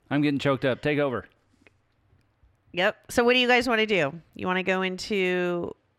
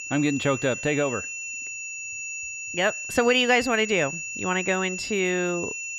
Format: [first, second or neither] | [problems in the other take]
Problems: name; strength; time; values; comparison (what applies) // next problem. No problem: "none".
first | high-pitched whine; loud; throughout; 2.5 kHz, 7 dB below the speech